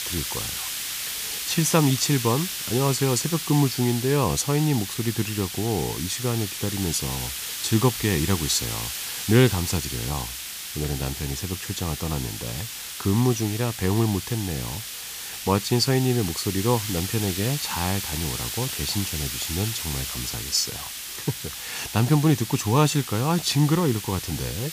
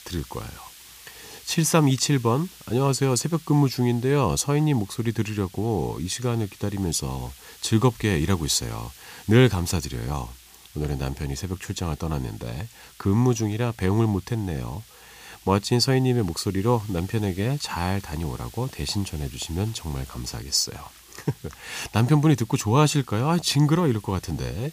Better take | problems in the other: second | hiss; loud; throughout; 5 dB below the speech; faint in the second

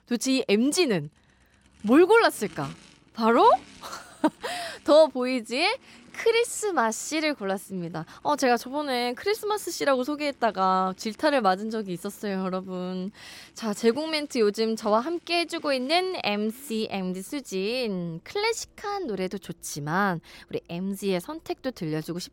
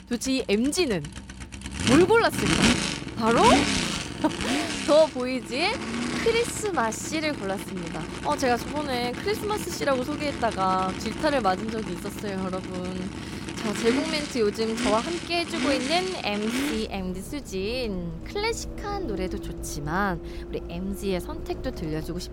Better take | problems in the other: first | traffic noise; loud; throughout; 4 dB below the speech; faint in the first

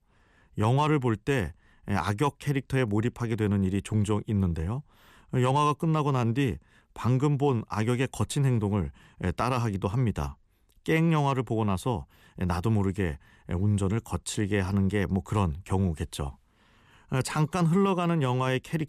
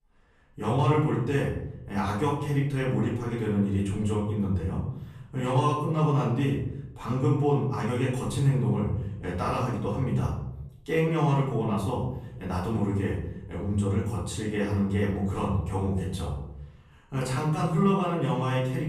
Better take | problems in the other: first | off-mic speech; far // room echo; noticeable; dies away in 0.8 s

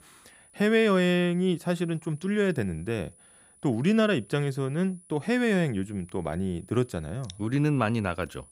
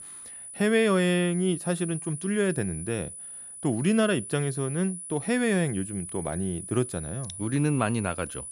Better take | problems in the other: first | high-pitched whine; loud; throughout; 10 kHz, 10 dB below the speech; faint in the first

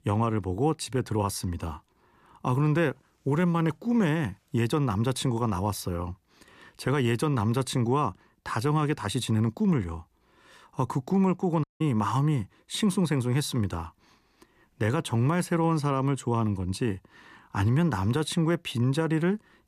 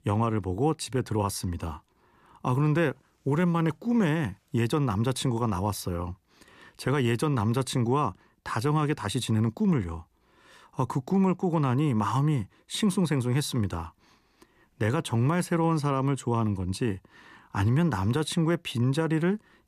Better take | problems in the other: second | audio cutting out; at 12 s

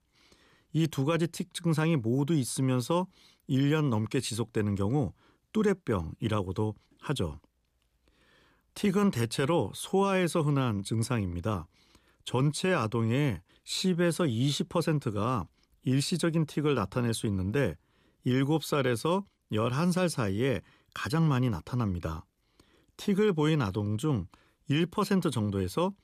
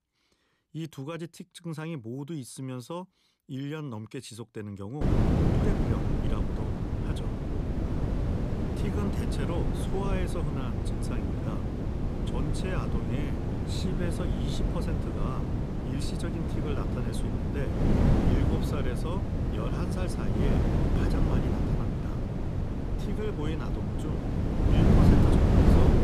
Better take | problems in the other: first | wind noise on the microphone; heavy; from 5 s on; 5 dB above the speech

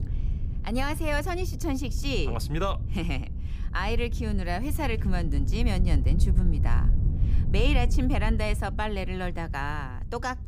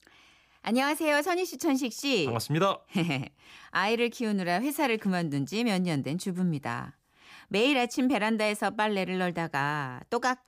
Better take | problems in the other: second | wind noise on the microphone; occasional gusts; 15 dB below the speech

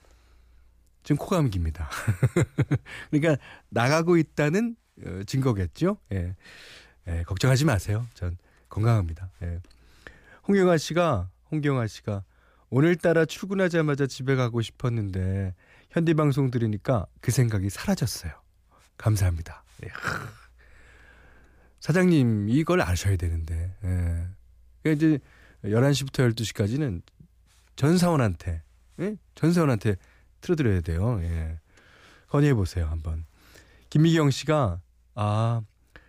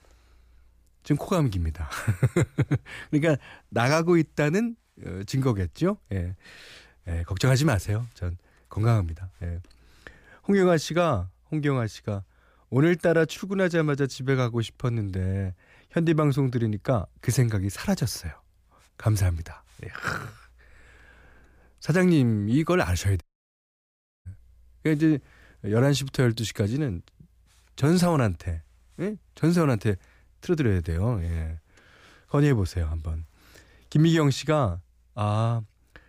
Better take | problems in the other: first | audio cutting out; at 23 s for 1 s

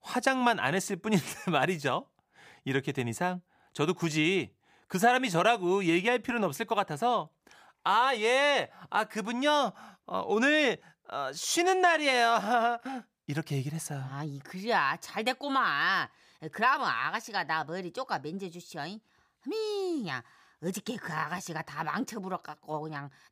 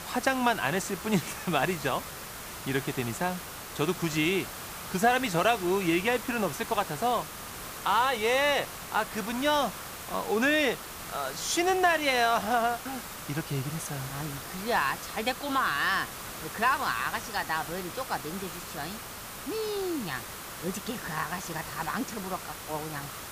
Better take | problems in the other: first | hiss; loud; throughout; 9 dB below the speech

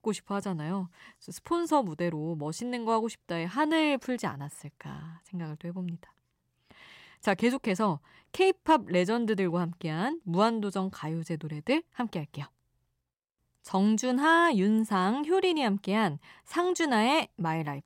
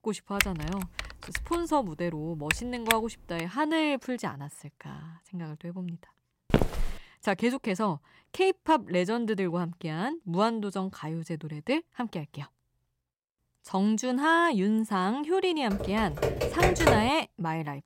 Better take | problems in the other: first | keyboard typing; loud; until 3.5 s and from 16 to 17 s; peak 6 dB above the speech // footsteps; loud; at 6.5 s; peak 2 dB above the speech

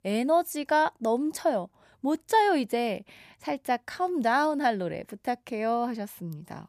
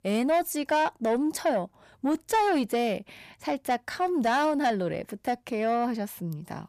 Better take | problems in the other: first | distortion; slight; 10 dB below the speech

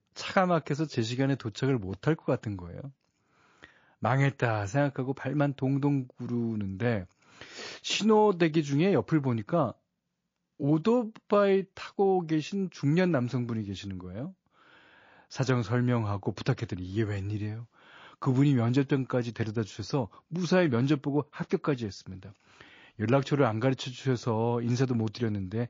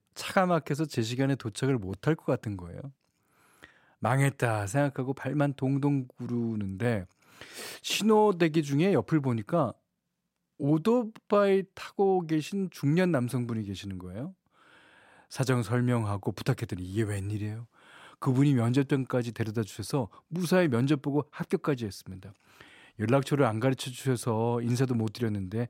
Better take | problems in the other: second | garbled, watery; slightly

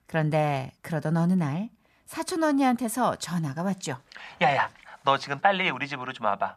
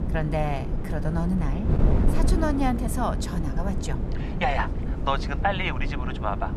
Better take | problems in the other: first | wind noise on the microphone; heavy; 8 dB below the speech

